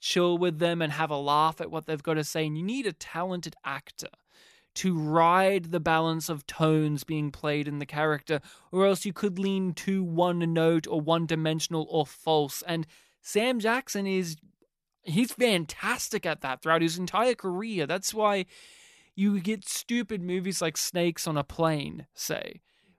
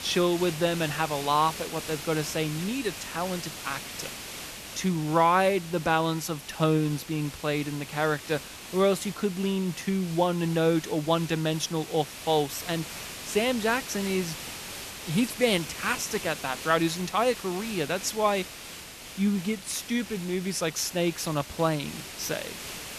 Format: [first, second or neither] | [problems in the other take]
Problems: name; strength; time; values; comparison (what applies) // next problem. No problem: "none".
first | hiss; noticeable; throughout; 10 dB below the speech